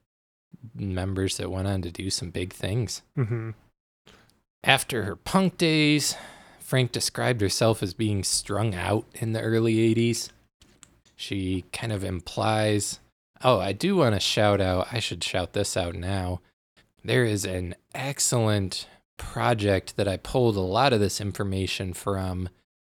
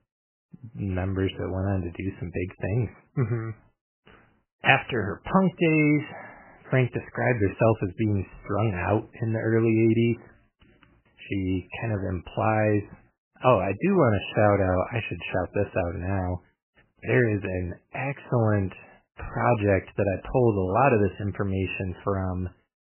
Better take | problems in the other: first | garbled, watery; badly; nothing above 3 kHz

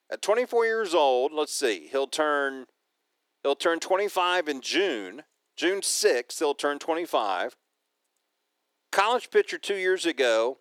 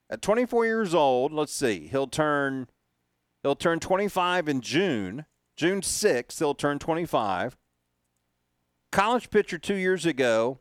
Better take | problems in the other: second | thin; somewhat; fading below 350 Hz

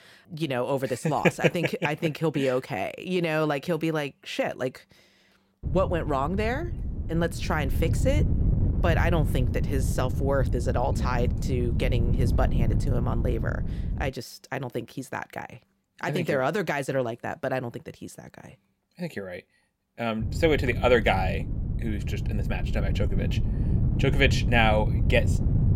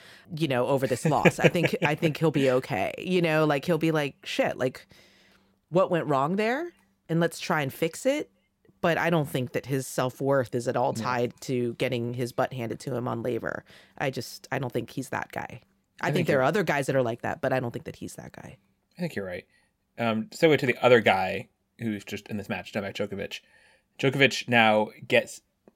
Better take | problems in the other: second | wind noise on the microphone; occasional gusts; from 5.5 to 14 s and from 20 s on; 10 dB below the speech

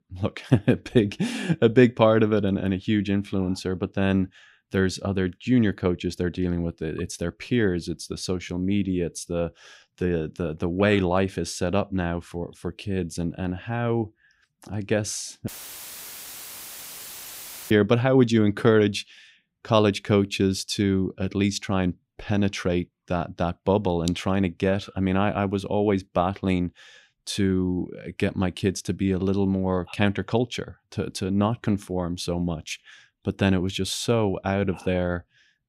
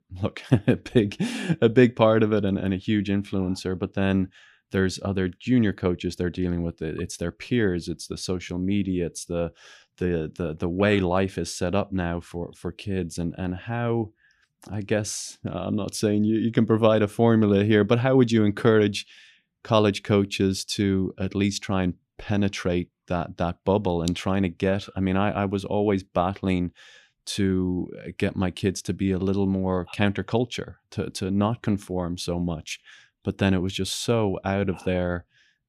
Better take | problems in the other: second | audio cutting out; filled with static; at 15 s for 2 s

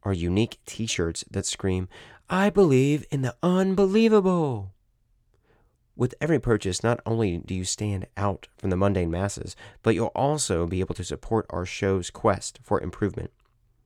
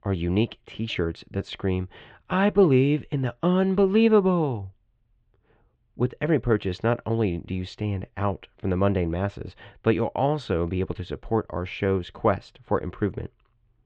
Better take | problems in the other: first | muffled; very; fading above 3 kHz

